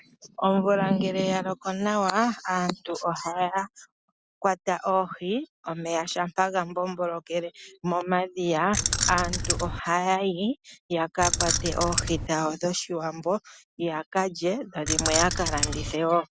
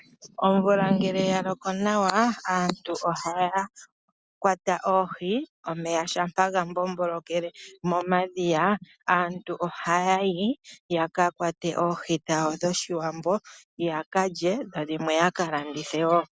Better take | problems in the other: second | background sound (Keys jangling); as loud as the speech

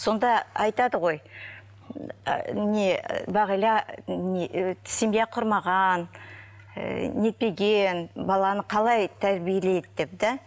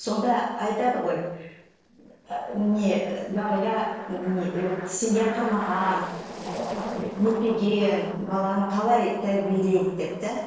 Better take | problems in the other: first | noise reduction (neural separator model SepFormer DNS4)

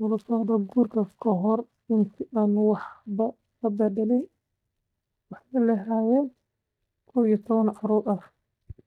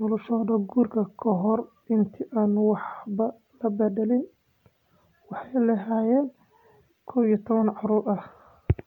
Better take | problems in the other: second | noise reduction (neural mask model DeepFilterNet 3)

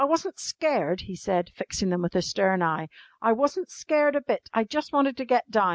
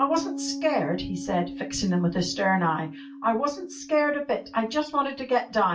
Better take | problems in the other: first | background sound (Piano); 11 dB below the speech // room echo; dies away in 0.2 s

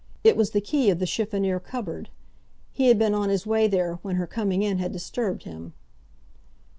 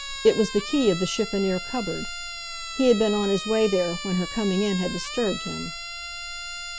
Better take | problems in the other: first | background sound (Siren); 9 dB below the speech

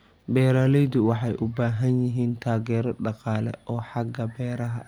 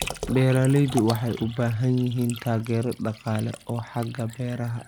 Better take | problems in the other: first | background sound (Liquid); 14 dB below the speech

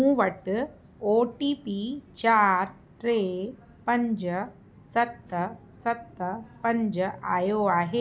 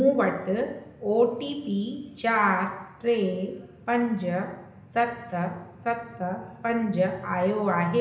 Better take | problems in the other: first | room echo; dies away in 0.9 s

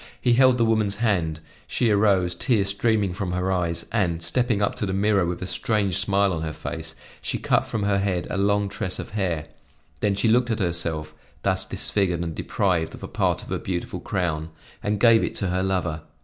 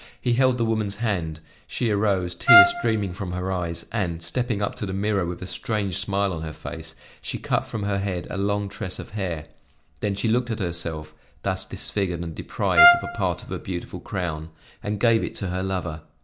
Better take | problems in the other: first | background sound (Trumpet); 4 dB above the speech

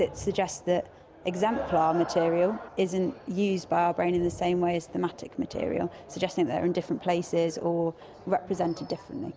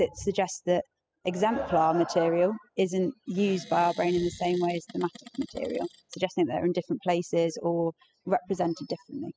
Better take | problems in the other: first | noise reduction (classical method spectral subtraction)

